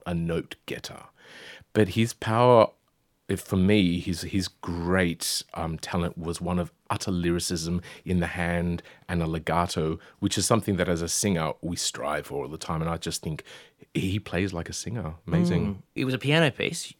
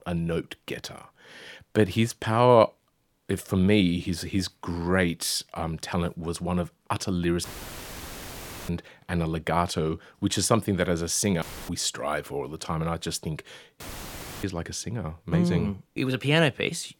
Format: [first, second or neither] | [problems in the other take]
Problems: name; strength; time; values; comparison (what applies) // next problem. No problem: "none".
first | audio cutting out; filled with static; at 7.5 s for 1 s, at 11 s and at 14 s for 0.5 s